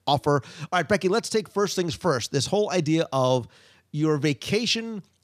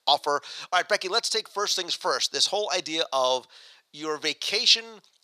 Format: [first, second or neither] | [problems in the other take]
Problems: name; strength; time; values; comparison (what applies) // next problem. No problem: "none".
first | thin; very; fading below 700 Hz